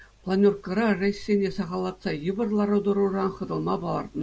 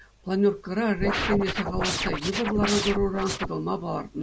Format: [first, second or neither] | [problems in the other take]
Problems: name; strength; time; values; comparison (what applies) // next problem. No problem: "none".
first | background sound (Scratching (performance technique)); 2 dB below the speech